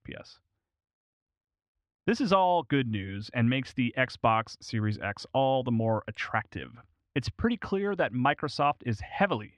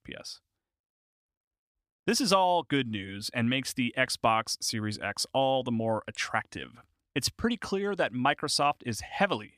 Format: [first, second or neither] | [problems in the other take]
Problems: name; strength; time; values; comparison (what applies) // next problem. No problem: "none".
second | muffled; slightly; fading above 2.5 kHz